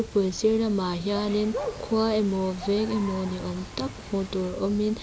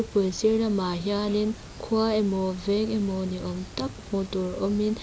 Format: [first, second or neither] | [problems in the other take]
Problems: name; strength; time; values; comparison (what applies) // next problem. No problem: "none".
second | background sound (Bird); 13 dB below the speech